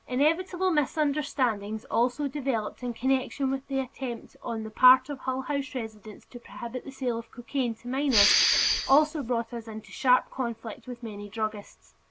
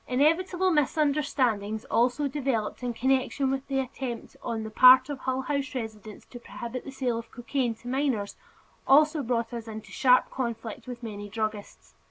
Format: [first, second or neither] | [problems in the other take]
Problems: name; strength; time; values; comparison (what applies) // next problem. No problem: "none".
second | background sound (Respiratory sounds); 2 dB above the speech